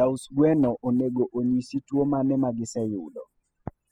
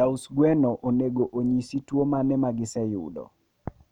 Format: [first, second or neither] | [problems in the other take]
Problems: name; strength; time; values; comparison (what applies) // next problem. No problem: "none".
second | noise reduction (classical method spectral subtraction)